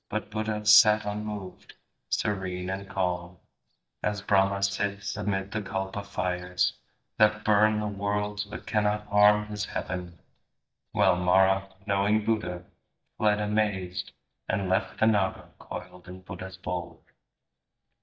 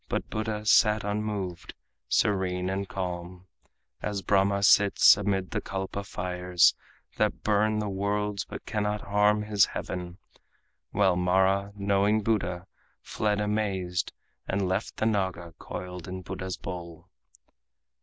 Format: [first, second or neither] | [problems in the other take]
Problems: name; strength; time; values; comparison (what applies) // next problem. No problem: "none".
second | noise reduction (neural mask model DeepFilterNet 3)